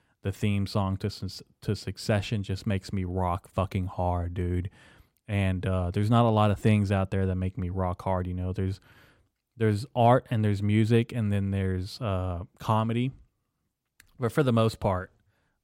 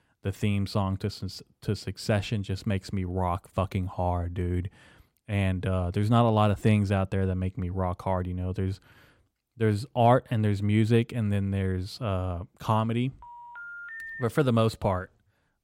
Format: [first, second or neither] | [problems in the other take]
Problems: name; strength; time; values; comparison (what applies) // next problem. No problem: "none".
first | phone ringing; noticeable; from 13 to 14 s; peak 10 dB below the speech